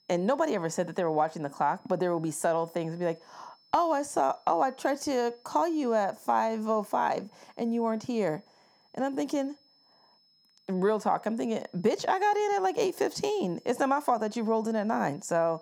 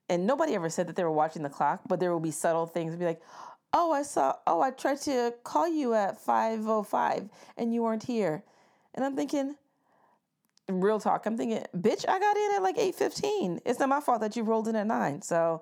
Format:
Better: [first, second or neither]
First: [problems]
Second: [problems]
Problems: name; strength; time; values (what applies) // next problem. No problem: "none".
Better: second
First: high-pitched whine; faint; throughout; 5 kHz, 35 dB below the speech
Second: none